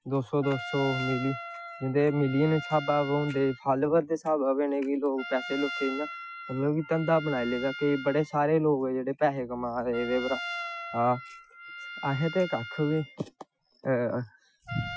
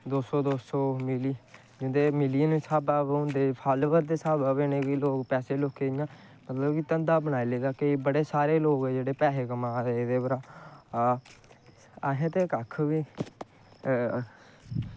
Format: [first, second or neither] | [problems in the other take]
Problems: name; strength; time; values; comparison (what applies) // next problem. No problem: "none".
second | noise reduction (classical method Wiener filter)